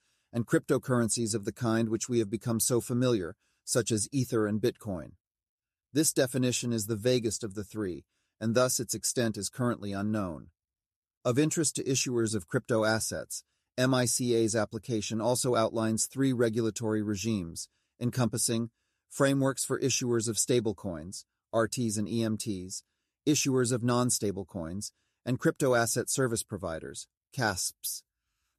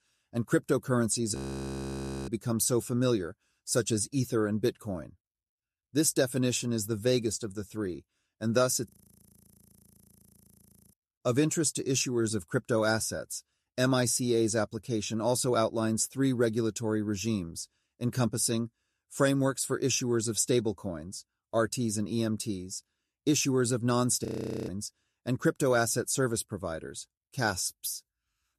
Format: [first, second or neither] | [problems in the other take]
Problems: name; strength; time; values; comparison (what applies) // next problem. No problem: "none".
first | audio freezing; at 1.5 s for 1 s, at 9 s for 2 s and at 24 s